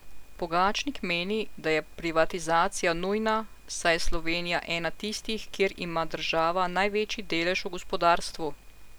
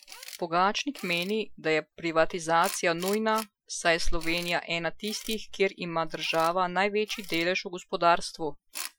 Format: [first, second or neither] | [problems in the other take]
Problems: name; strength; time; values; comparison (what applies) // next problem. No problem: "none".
first | noise reduction (classical method Wiener filter)